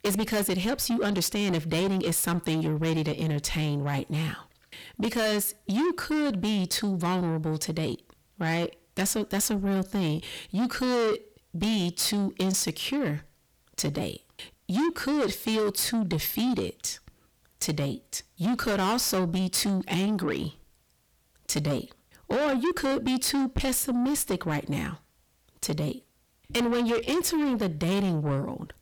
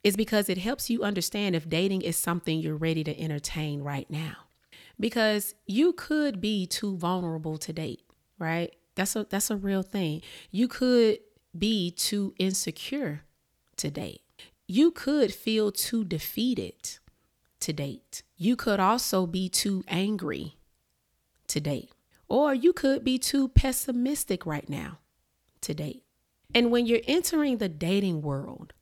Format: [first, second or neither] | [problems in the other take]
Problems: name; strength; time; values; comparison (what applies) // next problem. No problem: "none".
second | distortion; heavy; 6 dB below the speech